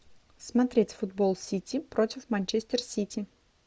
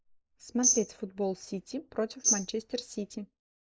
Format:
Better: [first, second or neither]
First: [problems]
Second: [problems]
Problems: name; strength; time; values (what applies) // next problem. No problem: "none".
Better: first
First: none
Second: noise reduction (neural mask model Resemble Enhance denoiser)